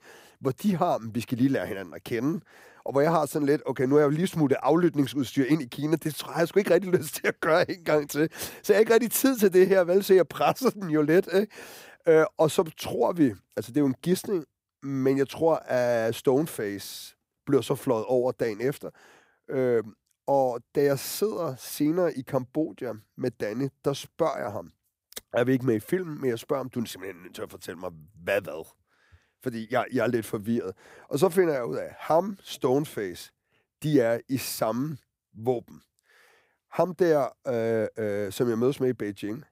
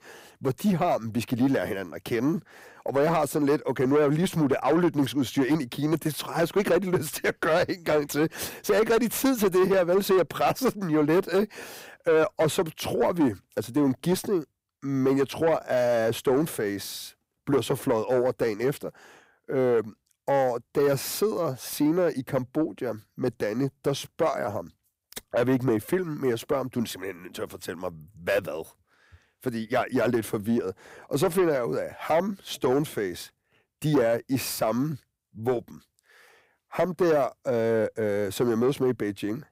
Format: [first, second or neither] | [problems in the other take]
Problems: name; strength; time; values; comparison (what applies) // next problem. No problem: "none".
first | distortion; slight; 10 dB below the speech